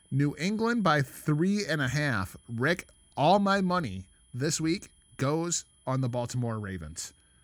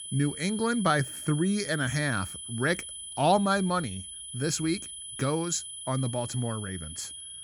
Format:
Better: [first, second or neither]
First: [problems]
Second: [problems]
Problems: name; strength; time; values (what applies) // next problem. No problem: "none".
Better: first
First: high-pitched whine; faint; throughout; 10 kHz, 30 dB below the speech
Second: high-pitched whine; loud; throughout; 10 kHz, 9 dB below the speech